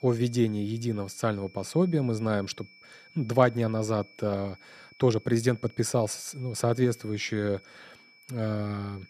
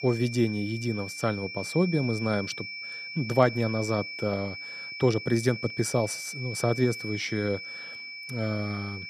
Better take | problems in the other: first | high-pitched whine; loud; throughout; 2.5 kHz, 8 dB below the speech; faint in the first

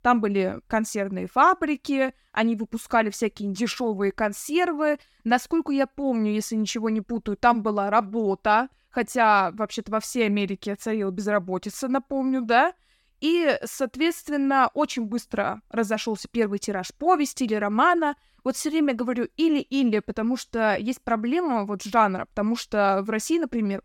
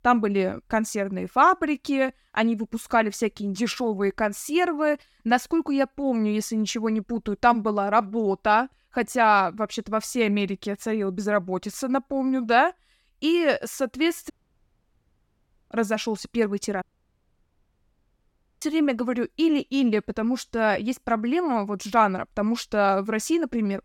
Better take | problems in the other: first | audio cutting out; at 14 s for 1.5 s and at 17 s for 2 s

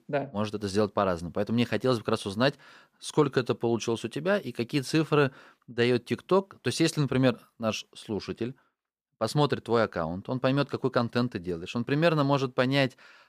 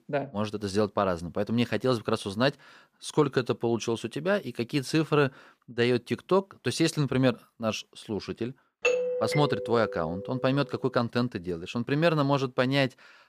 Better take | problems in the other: first | doorbell; loud; from 9 to 10 s; peak 2 dB above the speech

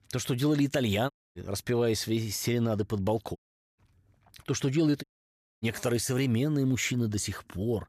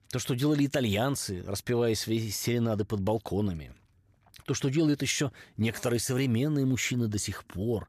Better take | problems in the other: second | audio cutting out; at 1 s, at 3.5 s and at 5 s for 0.5 s

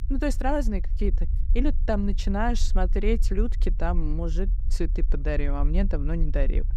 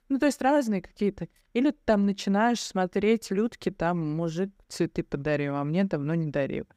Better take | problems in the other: second | low rumble; noticeable; throughout; 20 dB below the speech

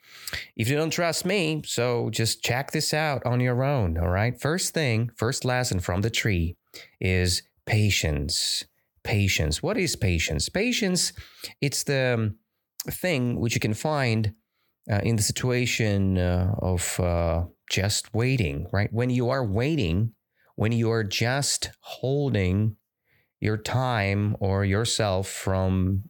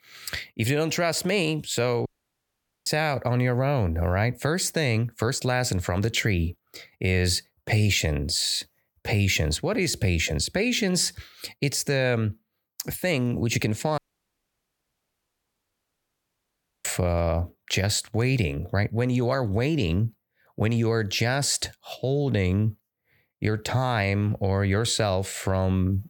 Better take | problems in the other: first | audio cutting out; at 2 s for 1 s and at 14 s for 3 s

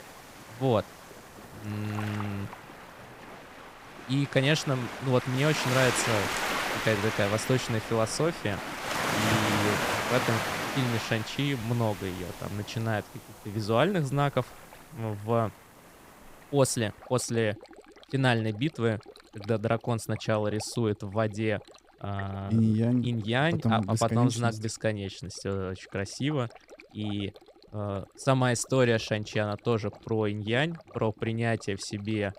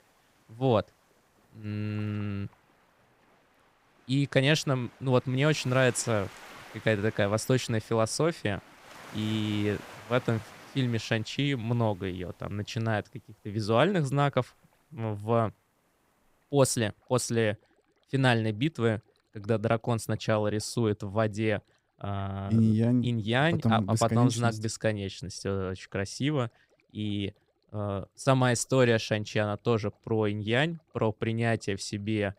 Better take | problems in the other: second | rain or running water; loud; throughout; 4 dB below the speech; faint in the second

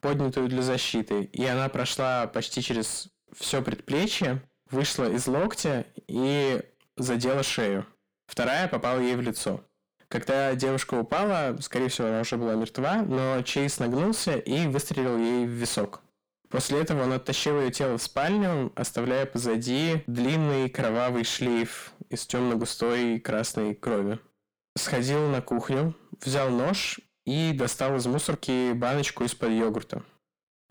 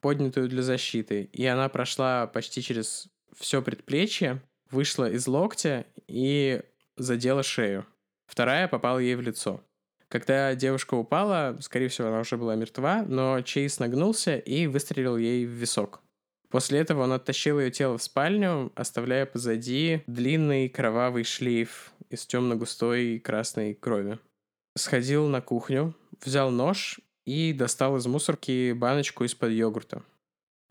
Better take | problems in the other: second | distortion; heavy; 7 dB below the speech

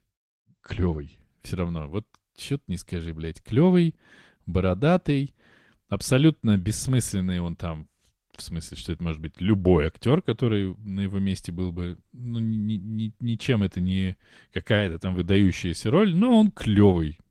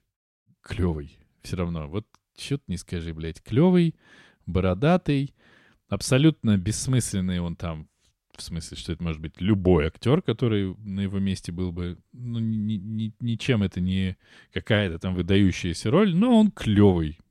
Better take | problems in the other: second | garbled, watery; slightly; nothing above 16 kHz

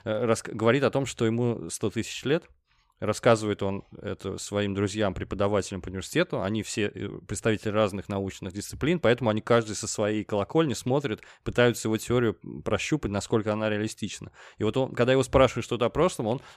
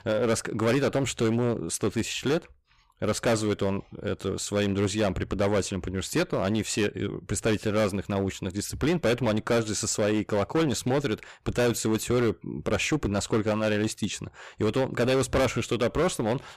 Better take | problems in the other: first | distortion; heavy; 13% of the sound clipped

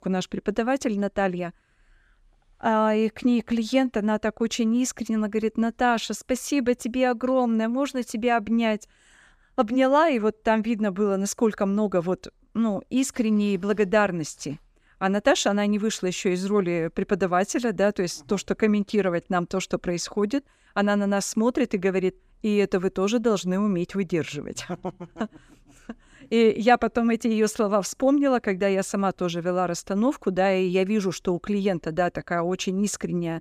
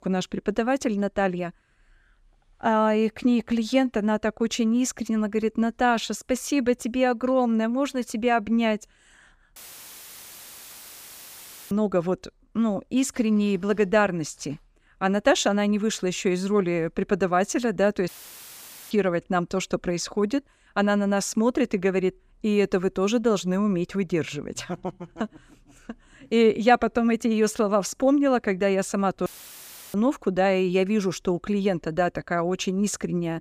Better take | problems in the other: first | audio cutting out; filled with static; at 9.5 s for 2 s, at 18 s for 1 s and at 29 s for 0.5 s

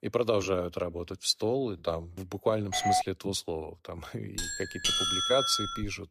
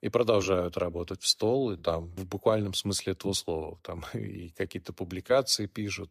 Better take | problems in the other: second | doorbell; loud; at 2.5 s and from 4.5 s on; peak 6 dB above the speech

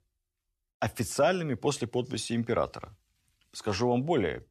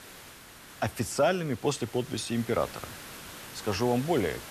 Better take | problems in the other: first | hiss; noticeable; throughout; 15 dB below the speech

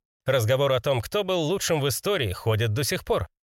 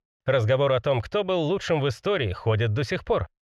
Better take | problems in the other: first | muffled; slightly; fading above 3 kHz

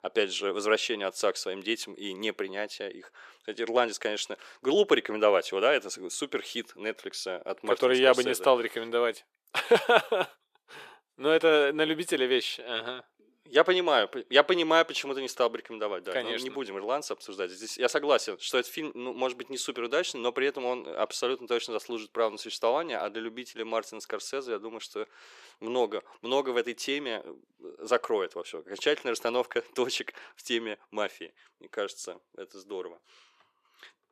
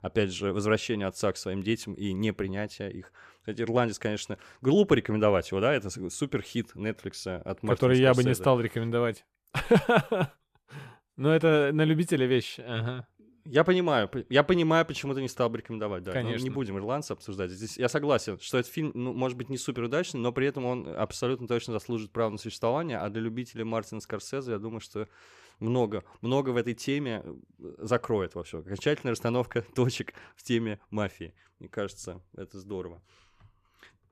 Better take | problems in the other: second | thin; somewhat; fading below 350 Hz

